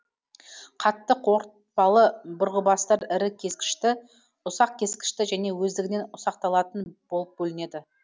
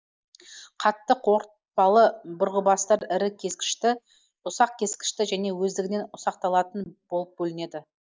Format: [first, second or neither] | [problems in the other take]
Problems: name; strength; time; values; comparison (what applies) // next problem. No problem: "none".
first | noise reduction (neural mask model Resemble Enhance denoiser)